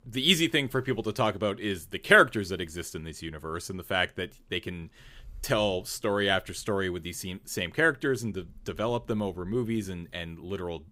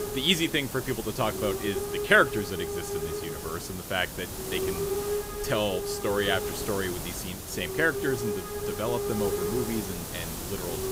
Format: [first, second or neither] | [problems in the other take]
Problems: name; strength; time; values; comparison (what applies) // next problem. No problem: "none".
first | hiss; loud; throughout; 4 dB below the speech